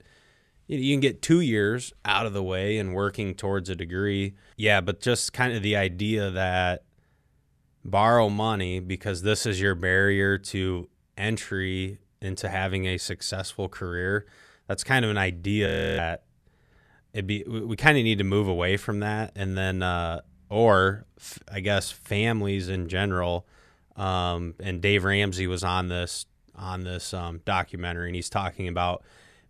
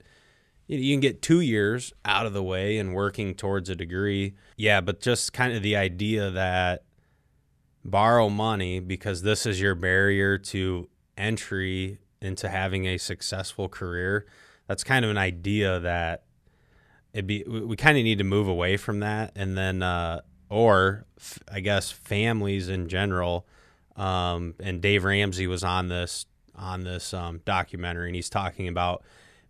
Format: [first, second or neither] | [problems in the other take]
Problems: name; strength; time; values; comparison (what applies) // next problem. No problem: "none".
second | audio freezing; at 16 s